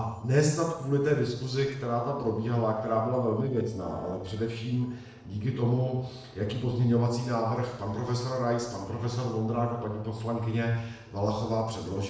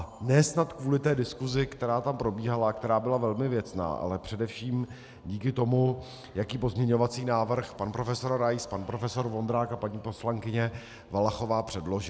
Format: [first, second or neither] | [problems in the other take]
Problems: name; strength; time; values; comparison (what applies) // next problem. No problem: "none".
second | noise reduction (neural separator model SepFormer DNS4)